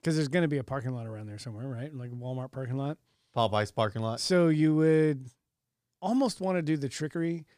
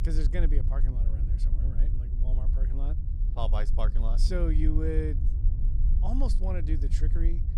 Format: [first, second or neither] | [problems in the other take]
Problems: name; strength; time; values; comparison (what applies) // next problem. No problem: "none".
first | low rumble; loud; throughout; 9 dB below the speech